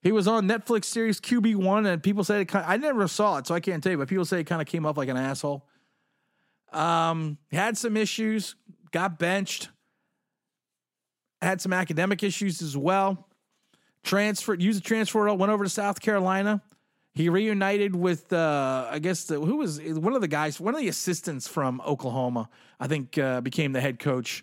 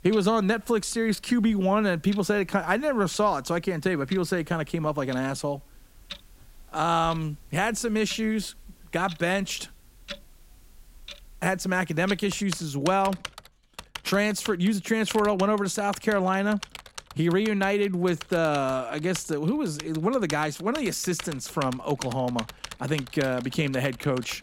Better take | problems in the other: first | household noises; noticeable; throughout; 15 dB below the speech

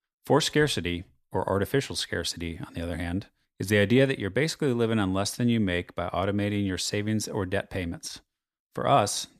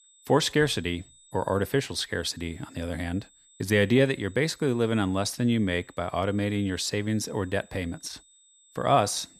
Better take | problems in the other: first | high-pitched whine; faint; throughout; 8 kHz, 30 dB below the speech

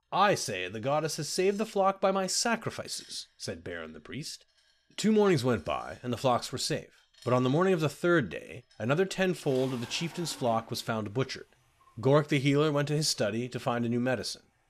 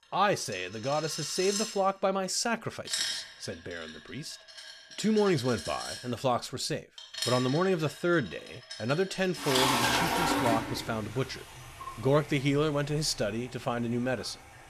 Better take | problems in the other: first | household noises; loud; throughout; 2 dB below the speech; faint in the first

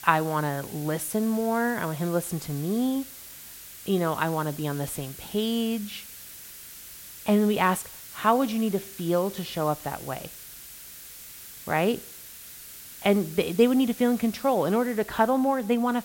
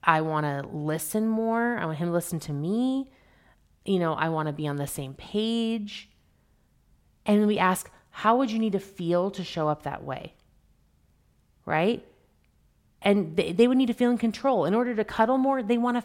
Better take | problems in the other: second | hiss; noticeable; throughout; 15 dB below the speech

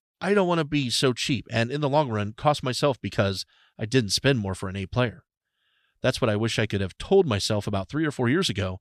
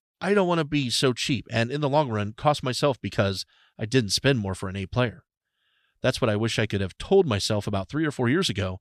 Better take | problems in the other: neither | none

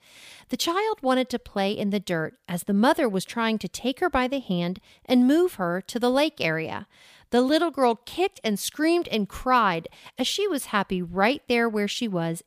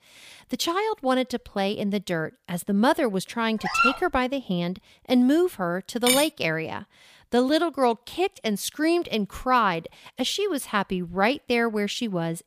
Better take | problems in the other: first | dog barking; loud; at 3.5 s; peak 3 dB above the speech // clattering dishes; loud; at 6 s; peak 2 dB above the speech

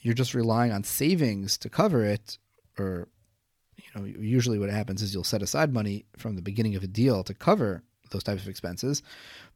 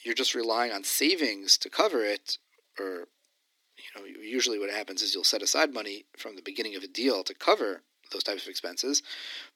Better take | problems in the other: first | thin; somewhat; fading below 250 Hz

